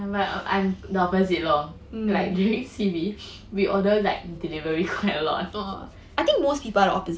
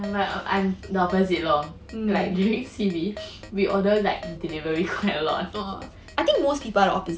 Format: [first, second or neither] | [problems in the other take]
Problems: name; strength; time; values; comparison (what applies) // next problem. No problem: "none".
first | background sound (Keyboard (musical)); 20 dB below the speech